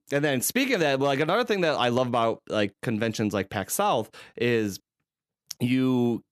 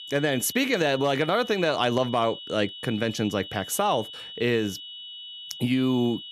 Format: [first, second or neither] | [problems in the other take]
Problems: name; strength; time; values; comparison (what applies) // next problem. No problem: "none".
first | high-pitched whine; noticeable; throughout; 3 kHz, 10 dB below the speech